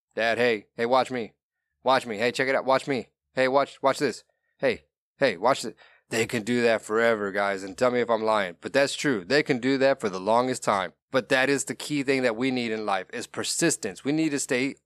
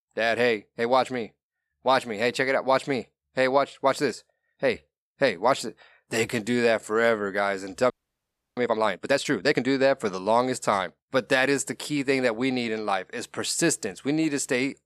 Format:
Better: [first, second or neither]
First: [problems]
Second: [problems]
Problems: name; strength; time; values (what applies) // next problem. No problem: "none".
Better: first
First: none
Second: audio freezing; at 8 s for 0.5 s